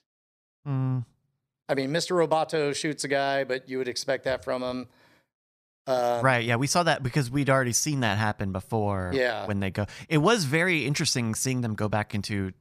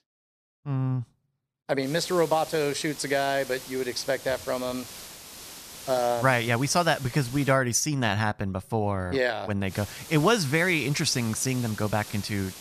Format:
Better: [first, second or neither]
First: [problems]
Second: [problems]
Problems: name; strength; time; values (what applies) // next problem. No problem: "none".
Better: first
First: none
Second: hiss; noticeable; from 2 to 7.5 s and from 9.5 s on; 15 dB below the speech